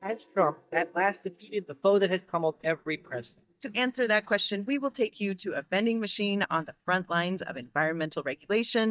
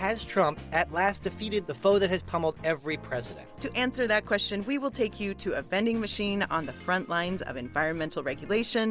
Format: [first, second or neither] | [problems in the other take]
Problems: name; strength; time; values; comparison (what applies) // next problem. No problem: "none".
second | noise reduction (neural mask model DeepFilterNet 3)